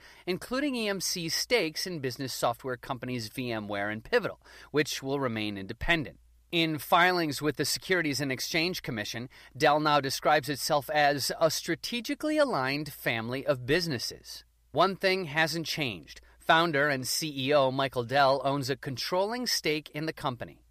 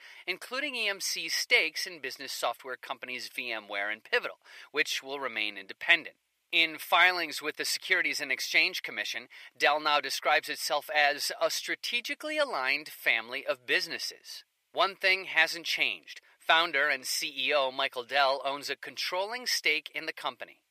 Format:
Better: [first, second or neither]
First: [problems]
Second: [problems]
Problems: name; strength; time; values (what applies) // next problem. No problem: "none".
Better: first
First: none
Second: thin; somewhat; fading below 500 Hz